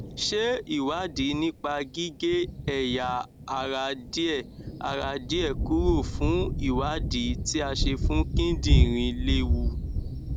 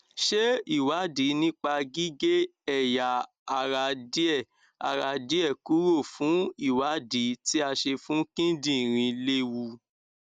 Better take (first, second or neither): second